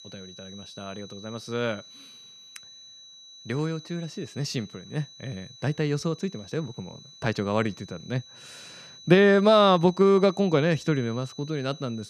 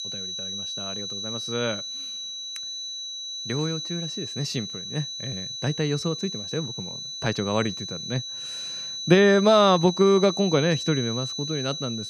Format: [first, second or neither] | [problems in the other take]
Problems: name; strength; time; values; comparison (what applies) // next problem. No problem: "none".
first | high-pitched whine; loud; throughout; 4 kHz, 7 dB below the speech; faint in the first